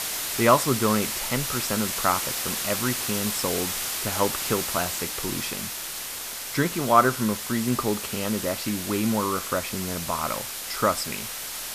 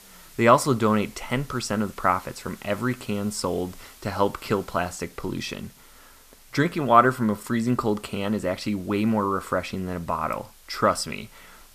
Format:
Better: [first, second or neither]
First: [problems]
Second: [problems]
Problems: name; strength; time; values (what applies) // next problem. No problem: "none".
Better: second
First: hiss; loud; throughout; 2 dB below the speech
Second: hiss; faint; throughout; 25 dB below the speech